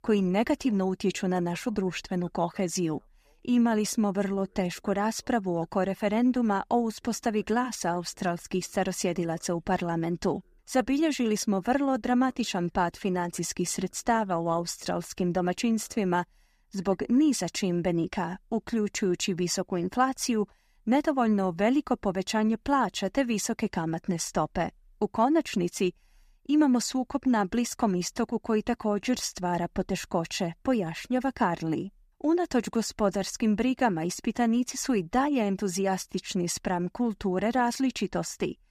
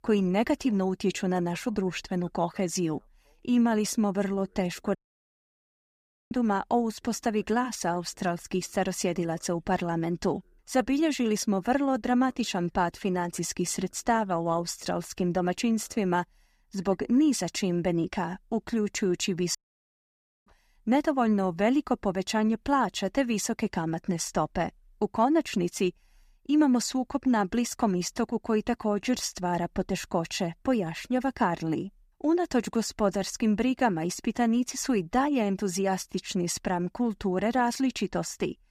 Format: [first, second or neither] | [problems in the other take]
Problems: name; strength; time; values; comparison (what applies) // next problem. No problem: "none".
first | audio cutting out; at 5 s for 1.5 s and at 20 s for 1 s